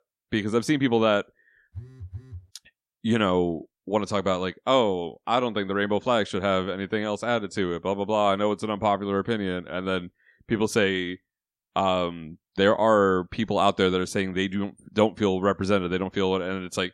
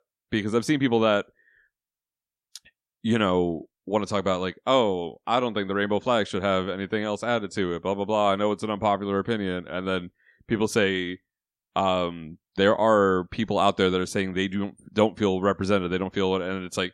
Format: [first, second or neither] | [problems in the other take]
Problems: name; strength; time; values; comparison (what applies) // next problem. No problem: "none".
second | phone ringing; faint; at 2 s; peak 15 dB below the speech